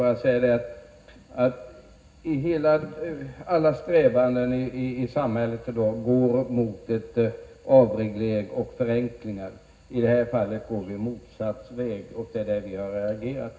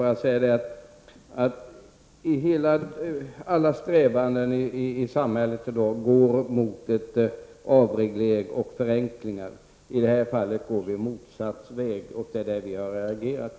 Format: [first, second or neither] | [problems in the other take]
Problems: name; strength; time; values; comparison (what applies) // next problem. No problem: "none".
second | room echo; dies away in 0.4 s